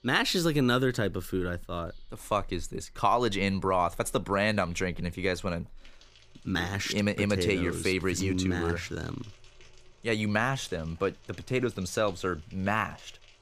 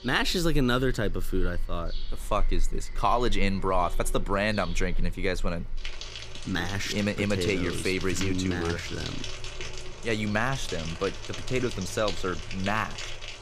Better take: first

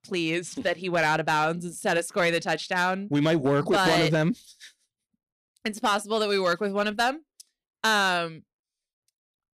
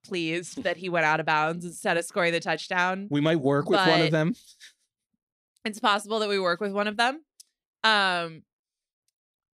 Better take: second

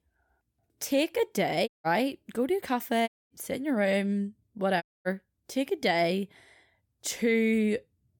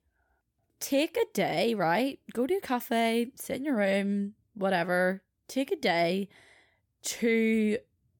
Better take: second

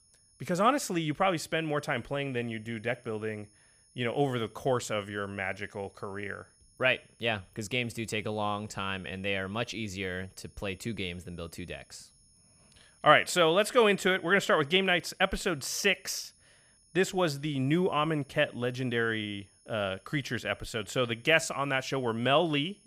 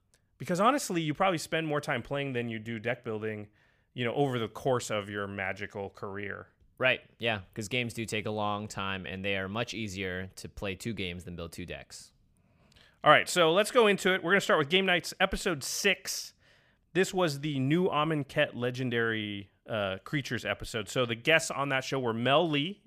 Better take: second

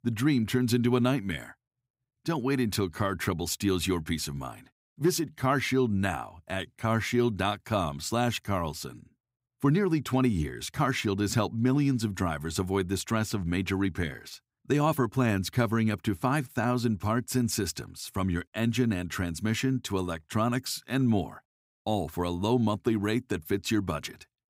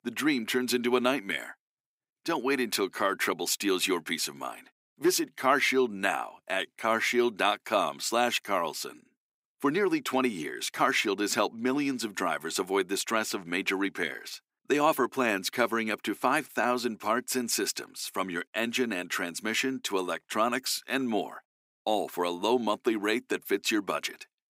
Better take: first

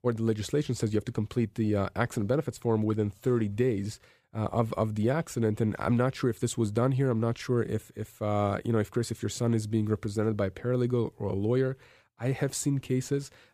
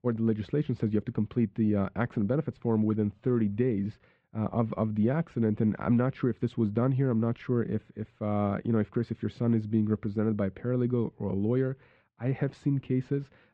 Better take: first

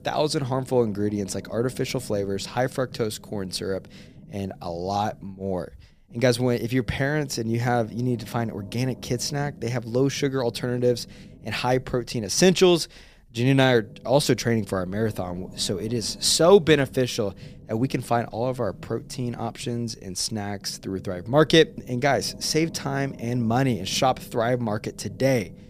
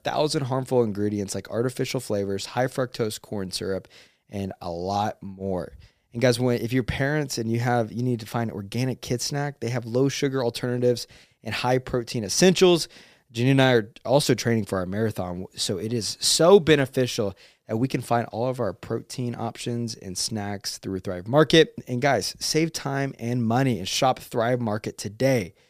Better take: second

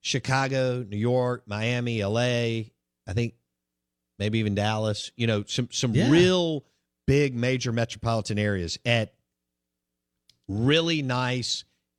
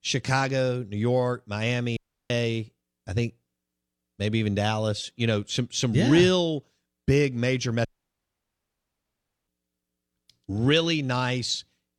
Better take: first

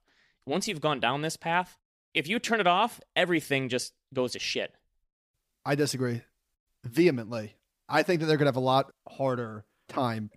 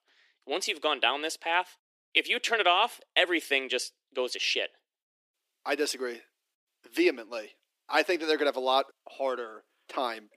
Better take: first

